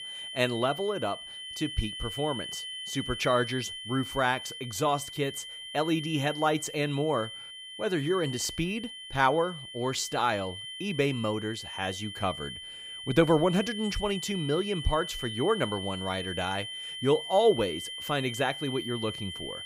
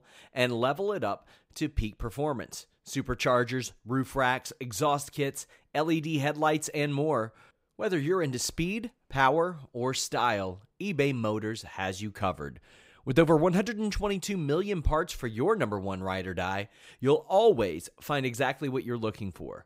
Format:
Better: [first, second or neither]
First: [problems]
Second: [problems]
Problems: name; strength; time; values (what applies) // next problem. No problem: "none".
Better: second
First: high-pitched whine; loud; throughout; 3 kHz, 8 dB below the speech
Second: none